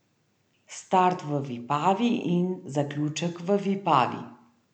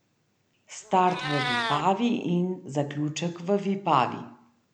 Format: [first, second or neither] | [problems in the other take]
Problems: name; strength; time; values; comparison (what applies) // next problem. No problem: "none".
first | background sound (Meow); 10 dB below the speech